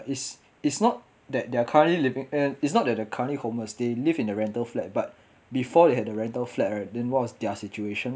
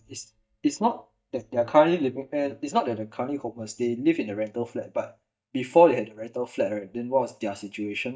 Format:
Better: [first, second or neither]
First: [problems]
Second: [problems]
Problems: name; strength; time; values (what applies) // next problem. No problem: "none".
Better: first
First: none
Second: noise reduction (neural mask model DeepFilterNet 3)